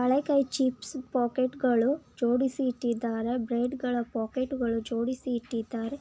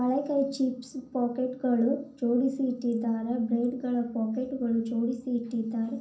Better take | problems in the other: first | room echo; dies away in 0.6 s

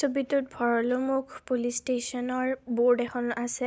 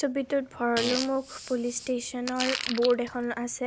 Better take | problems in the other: first | background sound (Fart); 8 dB below the speech

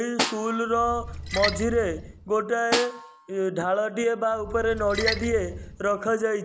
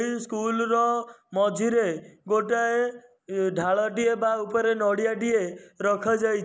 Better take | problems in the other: second | background sound (Splash, splatter + Snare drum); 7 dB below the speech

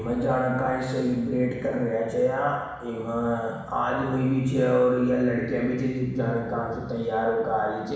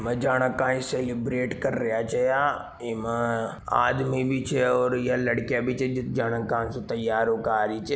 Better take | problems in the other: second | room echo; dies away in 1.1 s

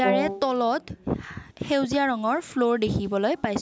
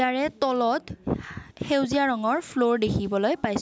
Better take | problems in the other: second | background sound (Wind instrument, woodwind instrument); 2 dB below the speech

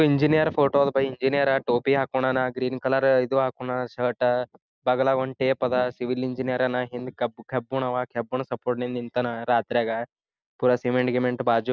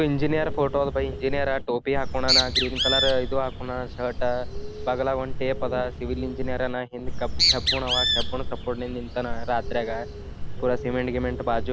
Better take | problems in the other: first | background sound (Bird); as loud as the speech

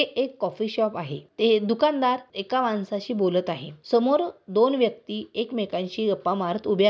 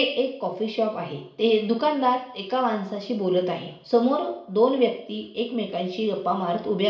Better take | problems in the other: first | room echo; dies away in 0.6 s

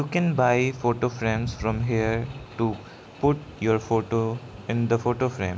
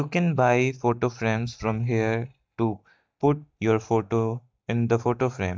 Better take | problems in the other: first | noise reduction (neural mask model DeepFilterNet 3)

